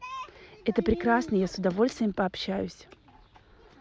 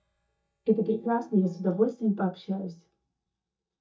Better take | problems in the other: first | noise reduction (neural mask model DeepFilterNet 3)

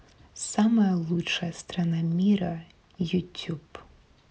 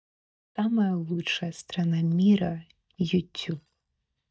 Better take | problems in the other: first | noise reduction (neural mask model DeepFilterNet 3)

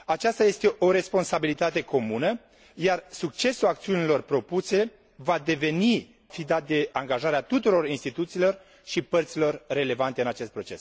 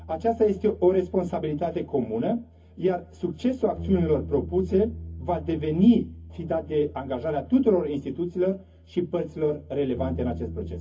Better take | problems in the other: first | background sound (Bass guitar); 14 dB below the speech // room echo; dies away in 0.3 s

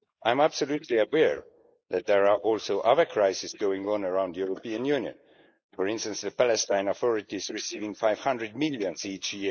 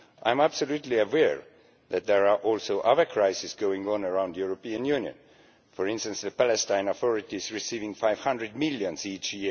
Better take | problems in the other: second | noise reduction (neural mask model Resemble Enhance denoiser)

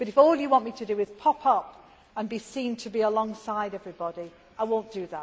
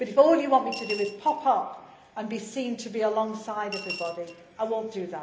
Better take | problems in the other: first | background sound (Coin (dropping) / Glass); 12 dB below the speech // room echo; dies away in 0.8 s

